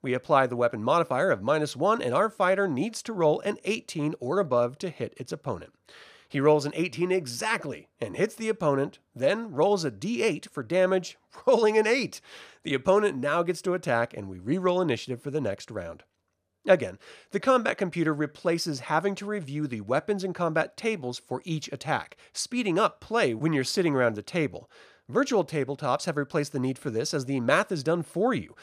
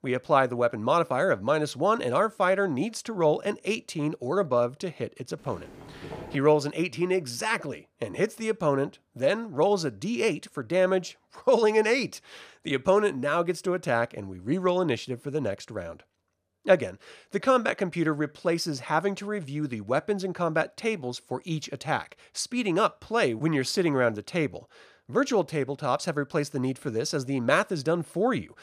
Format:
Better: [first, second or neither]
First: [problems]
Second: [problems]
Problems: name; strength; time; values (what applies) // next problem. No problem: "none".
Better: first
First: none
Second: footsteps; faint; at 5.5 s; peak 15 dB below the speech